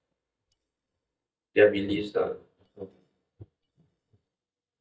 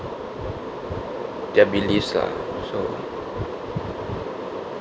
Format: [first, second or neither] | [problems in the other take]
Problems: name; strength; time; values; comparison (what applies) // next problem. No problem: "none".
second | noise reduction (neural mask model DeepFilterNet 3)